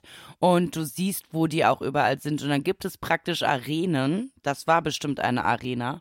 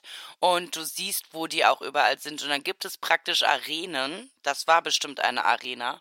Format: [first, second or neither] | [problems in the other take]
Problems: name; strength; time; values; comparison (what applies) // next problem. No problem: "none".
first | thin; very; fading below 650 Hz